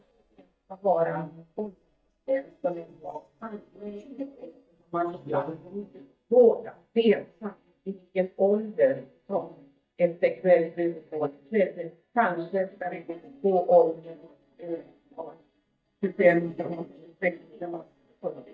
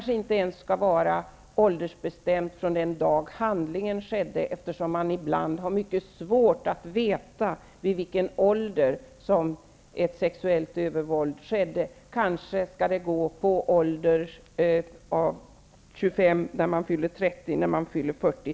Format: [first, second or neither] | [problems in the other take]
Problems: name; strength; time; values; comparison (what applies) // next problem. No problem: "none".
second | noise reduction (neural mask model DeepFilterNet 3)